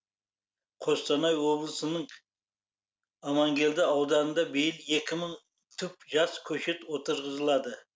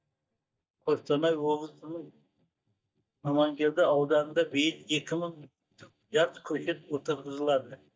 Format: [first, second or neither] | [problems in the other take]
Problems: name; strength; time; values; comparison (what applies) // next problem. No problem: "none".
first | noise reduction (neural mask model DeepFilterNet 3)